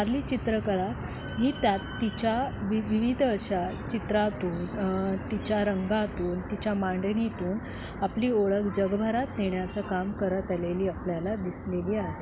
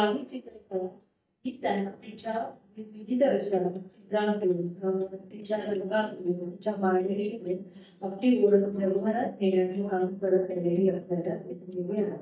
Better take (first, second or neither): first